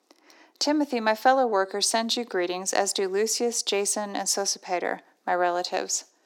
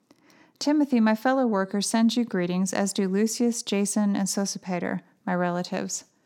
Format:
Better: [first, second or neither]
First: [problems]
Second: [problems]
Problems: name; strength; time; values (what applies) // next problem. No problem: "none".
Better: second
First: thin; somewhat; fading below 350 Hz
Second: none